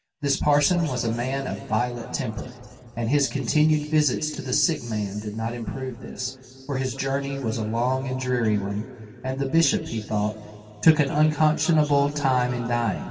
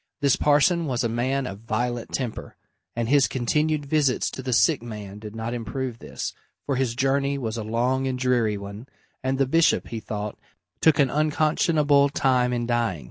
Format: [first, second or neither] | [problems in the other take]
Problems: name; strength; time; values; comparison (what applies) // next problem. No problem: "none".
second | room echo; dies away in 2.8 s